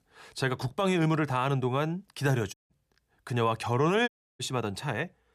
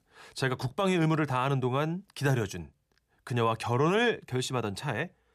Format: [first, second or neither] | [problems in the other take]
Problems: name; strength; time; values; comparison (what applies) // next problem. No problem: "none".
second | audio cutting out; at 2.5 s and at 4 s